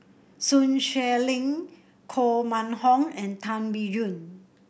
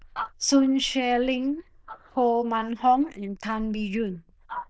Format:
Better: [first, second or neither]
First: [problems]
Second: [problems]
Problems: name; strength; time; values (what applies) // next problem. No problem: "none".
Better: first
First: none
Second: noise reduction (neural diffusion model UNIVERSE++)